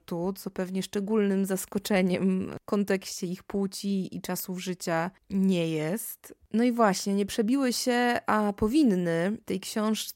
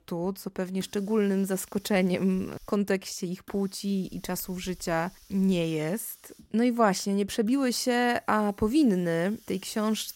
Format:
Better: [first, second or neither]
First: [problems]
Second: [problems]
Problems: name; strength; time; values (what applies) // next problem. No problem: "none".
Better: first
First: none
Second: hiss; faint; throughout; 25 dB below the speech